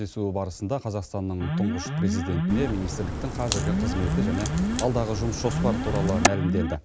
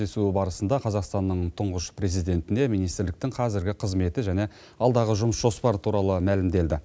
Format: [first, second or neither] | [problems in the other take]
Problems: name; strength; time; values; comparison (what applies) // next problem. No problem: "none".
second | background sound (Crack + Alarm); 2 dB above the speech